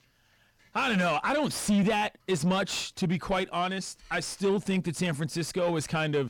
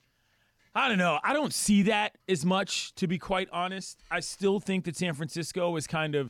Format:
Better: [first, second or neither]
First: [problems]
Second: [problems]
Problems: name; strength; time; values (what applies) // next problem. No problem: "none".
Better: second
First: distortion; slight; 10 dB below the speech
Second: none